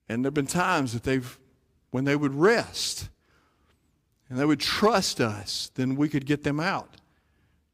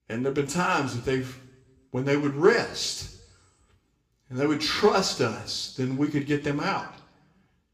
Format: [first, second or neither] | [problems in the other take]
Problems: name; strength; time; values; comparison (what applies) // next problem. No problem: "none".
first | room echo; very slight; dies away in 0.6 s // off-mic speech; somewhat distant